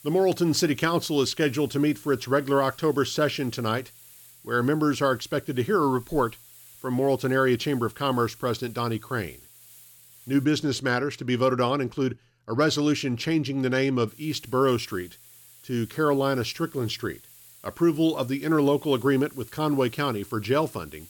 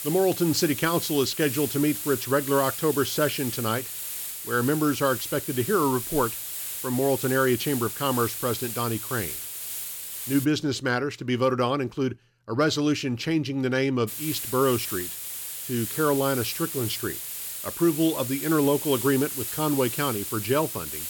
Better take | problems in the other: first | hiss; loud; until 10 s and from 14 s on; 5 dB below the speech; faint in the first

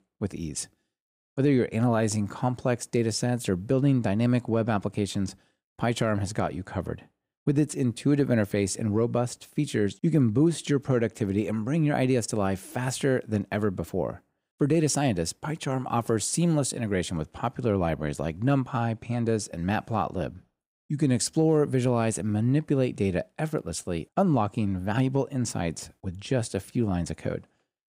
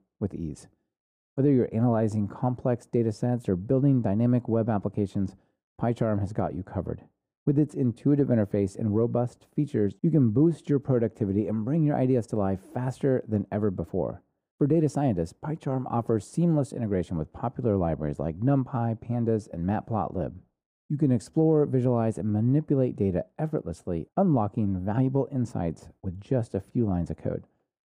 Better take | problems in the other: first | muffled; very; fading above 1.5 kHz

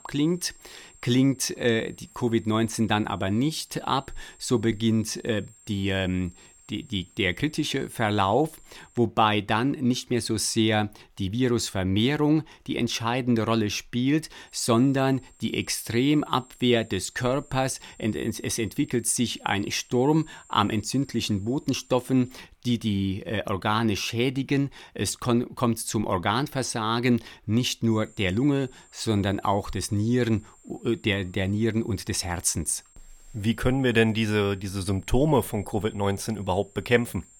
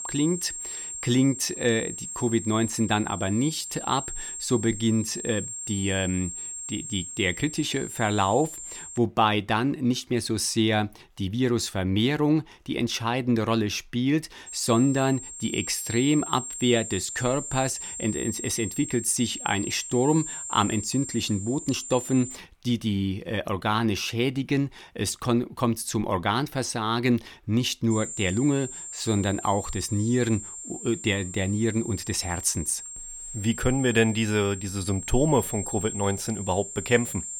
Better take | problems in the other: first | high-pitched whine; loud; until 9 s, from 14 to 22 s and from 28 s on; 7.5 kHz, 8 dB below the speech; faint in the first

